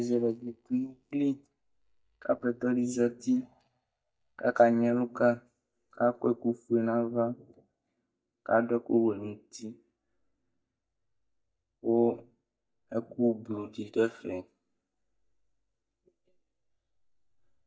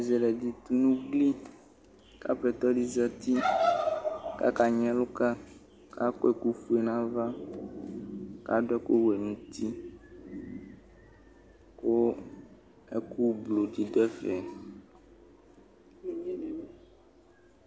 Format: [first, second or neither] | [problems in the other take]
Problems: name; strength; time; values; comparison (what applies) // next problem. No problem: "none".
second | noise reduction (neural mask model DeepFilterNet 3)